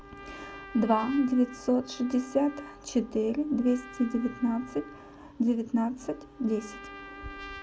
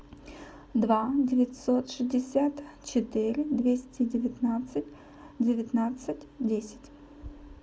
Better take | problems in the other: second | background sound (Trumpet); 17 dB below the speech

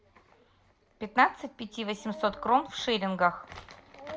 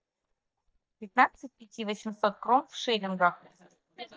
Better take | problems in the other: first | noise reduction (neural mask model DeepFilterNet 3)

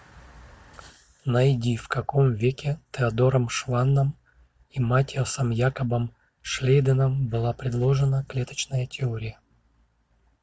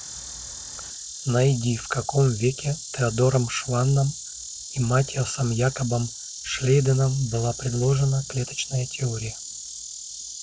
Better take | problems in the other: first | background sound (Insect); 12 dB below the speech

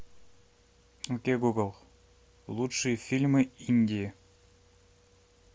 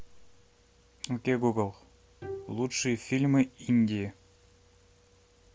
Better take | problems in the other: first | background sound (Bowed string instrument); 17 dB below the speech

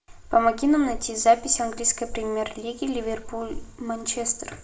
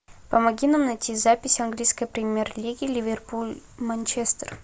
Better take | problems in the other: second | background sound (Wind); 13 dB below the speech // room echo; dies away in 0.6 s

